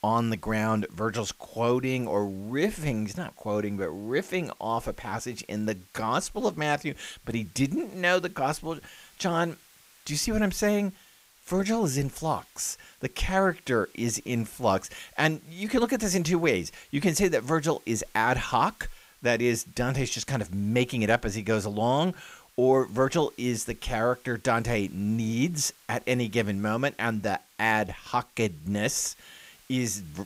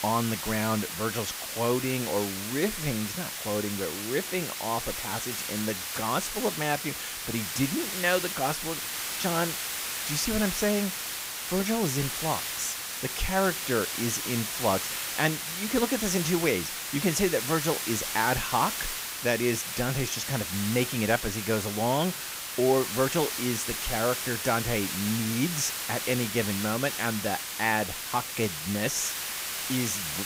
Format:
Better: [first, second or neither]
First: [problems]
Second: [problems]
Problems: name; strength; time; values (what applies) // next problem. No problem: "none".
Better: first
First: hiss; faint; throughout; 30 dB below the speech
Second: hiss; loud; throughout; 2 dB below the speech